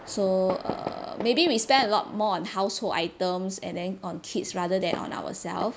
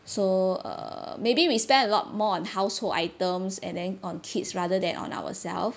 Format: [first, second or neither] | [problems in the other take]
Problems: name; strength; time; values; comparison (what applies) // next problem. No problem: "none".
second | background sound (Fireworks); 13 dB below the speech